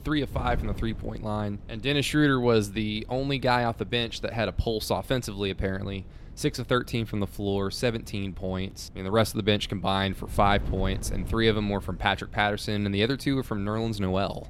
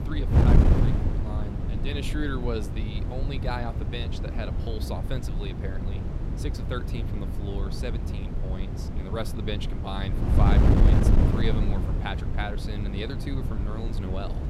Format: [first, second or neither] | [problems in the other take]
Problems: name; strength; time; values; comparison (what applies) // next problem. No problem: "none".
first | wind noise on the microphone; heavy; as loud as the speech; occasional gusts in the first